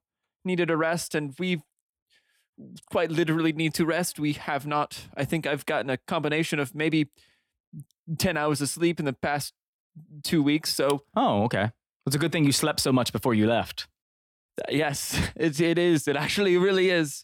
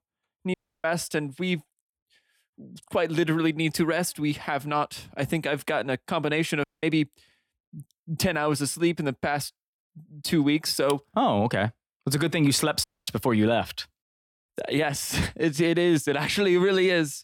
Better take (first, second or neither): first